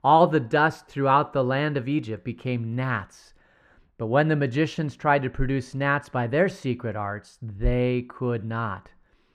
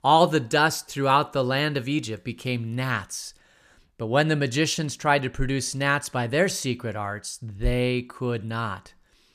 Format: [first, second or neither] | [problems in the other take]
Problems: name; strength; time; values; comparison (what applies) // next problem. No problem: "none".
second | muffled; very; fading above 3.5 kHz